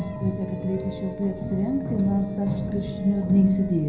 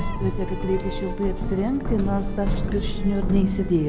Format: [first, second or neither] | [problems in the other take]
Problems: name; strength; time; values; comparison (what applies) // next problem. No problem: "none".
second | background sound (Organ); 16 dB below the speech // room echo; dies away in 0.5 s